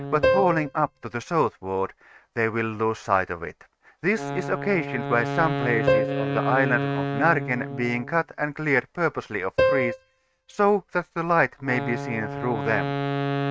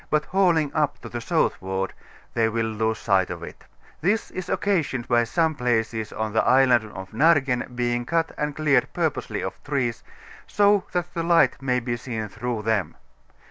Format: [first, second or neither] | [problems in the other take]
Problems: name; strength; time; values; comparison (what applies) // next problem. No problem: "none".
second | noise reduction (neural mask model RNNoise)